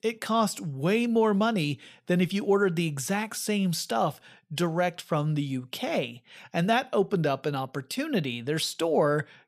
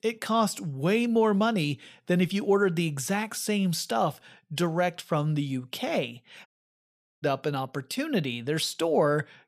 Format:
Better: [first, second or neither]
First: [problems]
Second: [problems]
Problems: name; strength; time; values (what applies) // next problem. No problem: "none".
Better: first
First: none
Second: audio cutting out; at 6.5 s for 1 s